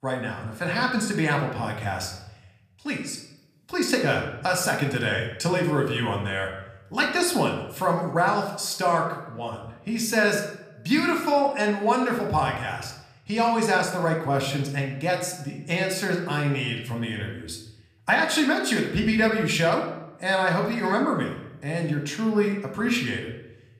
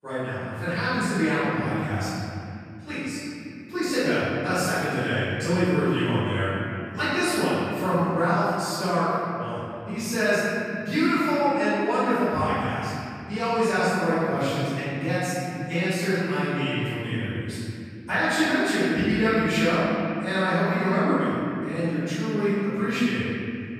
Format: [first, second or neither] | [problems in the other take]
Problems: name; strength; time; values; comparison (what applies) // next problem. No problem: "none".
first | room echo; strong; dies away in 2.7 s; slight in the first // off-mic speech; far; somewhat distant in the first